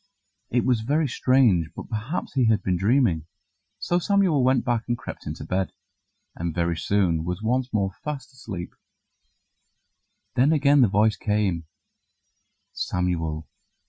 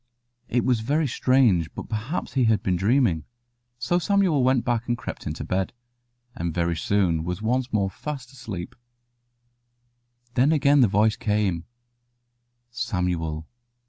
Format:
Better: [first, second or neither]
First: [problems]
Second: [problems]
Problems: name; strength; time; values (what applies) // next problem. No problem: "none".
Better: second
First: noise reduction (classical method Wiener filter)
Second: none